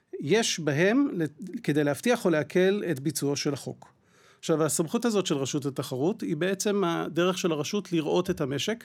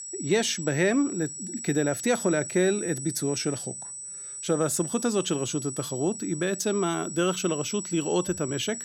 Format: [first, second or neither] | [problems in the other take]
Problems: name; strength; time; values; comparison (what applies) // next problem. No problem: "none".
first | high-pitched whine; loud; throughout; 8 kHz, 7 dB below the speech